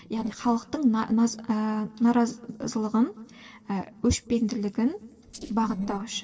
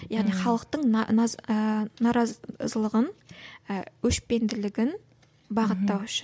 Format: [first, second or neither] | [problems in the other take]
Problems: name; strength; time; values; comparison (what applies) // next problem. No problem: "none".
second | noise reduction (neural separator model SepFormer DNS4)